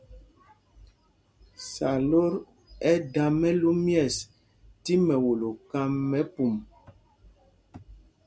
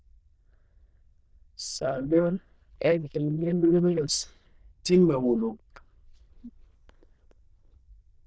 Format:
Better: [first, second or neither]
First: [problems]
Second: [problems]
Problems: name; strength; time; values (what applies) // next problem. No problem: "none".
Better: first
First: none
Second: noise reduction (neural diffusion model UNIVERSE++)